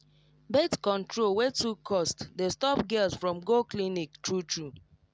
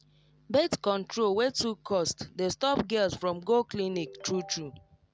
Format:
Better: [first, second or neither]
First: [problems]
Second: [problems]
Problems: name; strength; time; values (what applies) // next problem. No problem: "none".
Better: first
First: none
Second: background sound (Ringtone); 18 dB below the speech